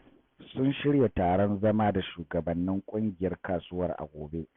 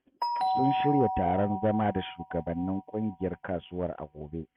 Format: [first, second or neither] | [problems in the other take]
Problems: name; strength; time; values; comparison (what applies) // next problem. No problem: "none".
first | noise reduction (neural mask model RNNoise)